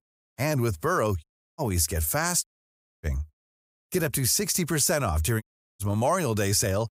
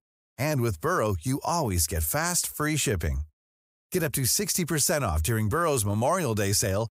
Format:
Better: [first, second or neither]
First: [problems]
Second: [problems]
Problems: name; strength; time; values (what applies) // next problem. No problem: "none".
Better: second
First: audio cutting out; at 1 s, at 2.5 s for 0.5 s and at 5.5 s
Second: none